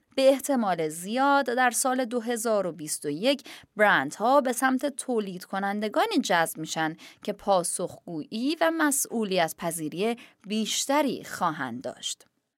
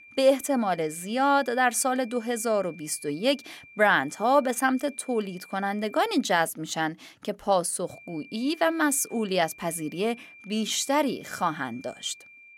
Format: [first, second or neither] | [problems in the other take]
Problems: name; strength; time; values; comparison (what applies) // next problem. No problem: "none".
first | high-pitched whine; faint; until 6 s and from 8 s on; 2.5 kHz, 20 dB below the speech